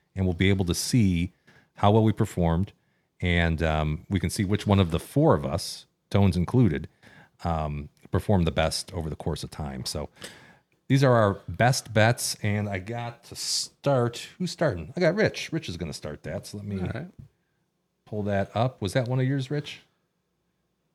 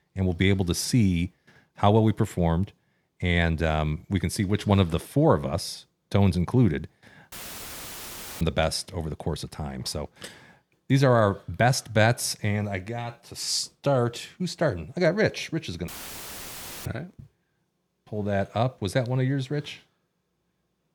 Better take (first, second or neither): first